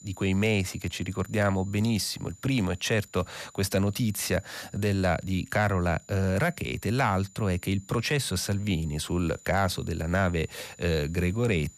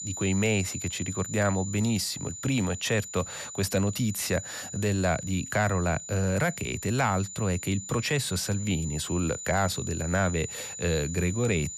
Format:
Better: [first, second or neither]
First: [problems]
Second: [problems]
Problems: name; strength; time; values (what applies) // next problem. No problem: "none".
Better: first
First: high-pitched whine; faint; throughout; 7 kHz, 25 dB below the speech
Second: high-pitched whine; loud; throughout; 7 kHz, 9 dB below the speech